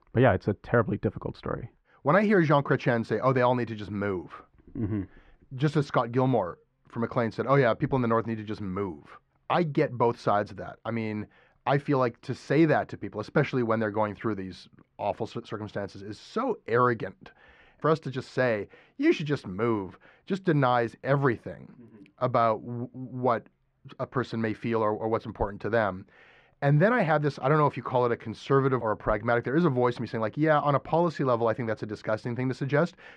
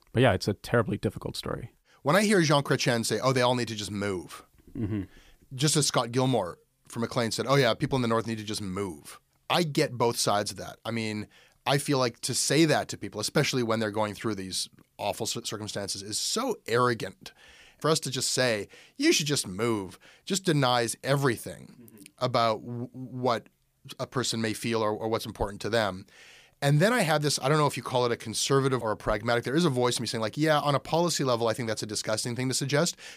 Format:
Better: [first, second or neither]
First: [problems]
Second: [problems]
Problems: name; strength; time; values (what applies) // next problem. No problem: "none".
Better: second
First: muffled; very; fading above 1.5 kHz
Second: none